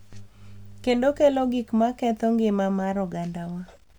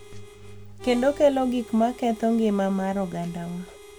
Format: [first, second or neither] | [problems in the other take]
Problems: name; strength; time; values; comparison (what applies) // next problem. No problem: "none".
first | background sound (Harmonica); 19 dB below the speech